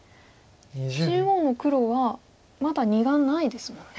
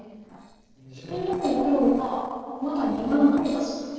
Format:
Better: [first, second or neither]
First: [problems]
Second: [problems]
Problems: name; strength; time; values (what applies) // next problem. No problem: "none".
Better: first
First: none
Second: noise reduction (neural separator model SepFormer DNS4)